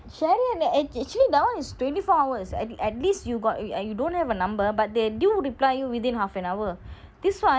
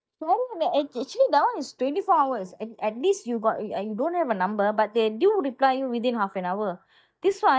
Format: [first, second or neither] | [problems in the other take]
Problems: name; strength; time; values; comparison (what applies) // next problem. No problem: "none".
first | noise reduction (neural mask model DeepFilterNet 3)